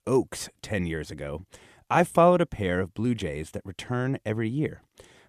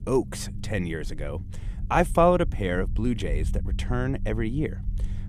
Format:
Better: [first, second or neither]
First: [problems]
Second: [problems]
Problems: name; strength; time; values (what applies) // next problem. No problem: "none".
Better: first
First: none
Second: low rumble; faint; throughout; 20 dB below the speech